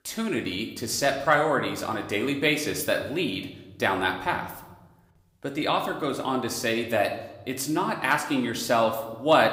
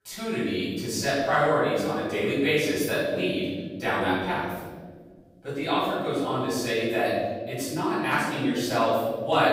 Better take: first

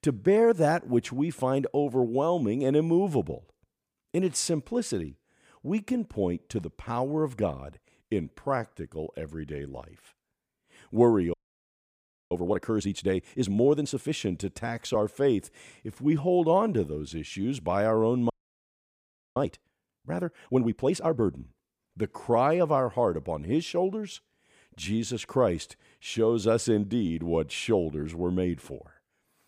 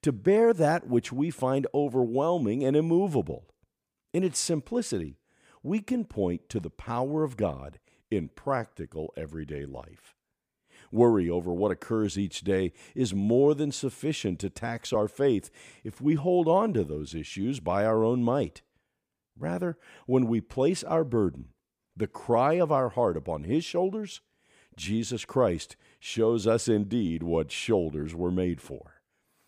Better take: second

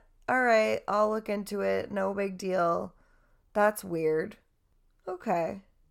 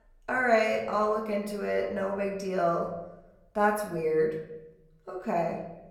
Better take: first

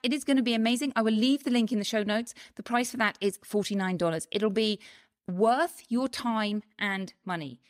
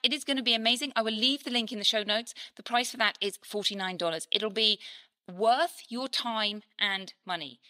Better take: first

